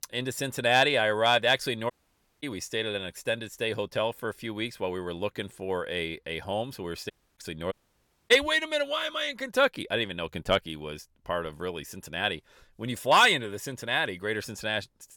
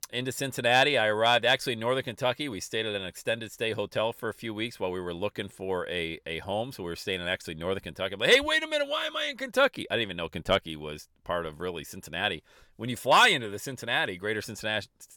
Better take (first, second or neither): second